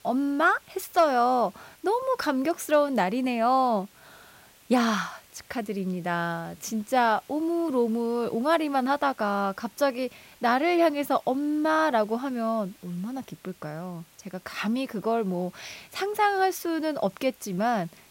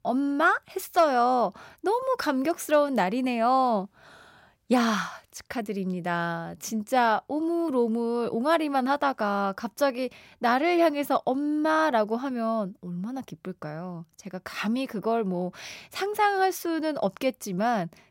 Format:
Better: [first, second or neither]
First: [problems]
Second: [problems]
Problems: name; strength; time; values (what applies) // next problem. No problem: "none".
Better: second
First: hiss; faint; throughout; 30 dB below the speech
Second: none